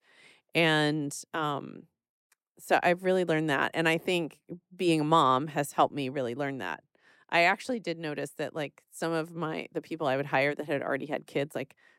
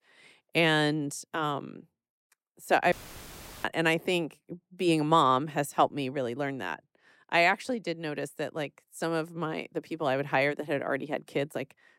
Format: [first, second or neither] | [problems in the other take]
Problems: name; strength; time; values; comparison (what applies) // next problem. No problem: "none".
first | audio cutting out; filled with static; at 3 s for 0.5 s